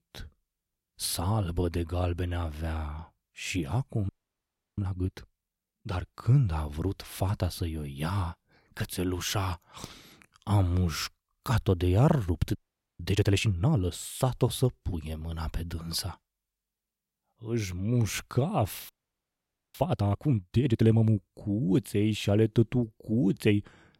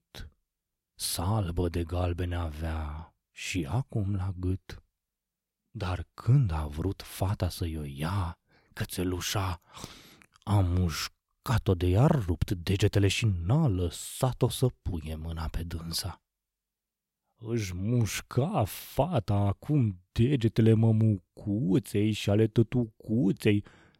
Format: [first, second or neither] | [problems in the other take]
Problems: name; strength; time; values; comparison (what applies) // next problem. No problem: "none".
second | audio freezing; at 4 s for 0.5 s, at 13 s and at 19 s for 1 s